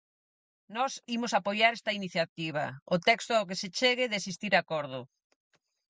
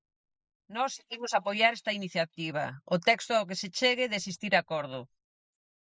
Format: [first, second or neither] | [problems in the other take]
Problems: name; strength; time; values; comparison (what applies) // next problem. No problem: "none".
first | noise reduction (neural mask model Resemble Enhance denoiser)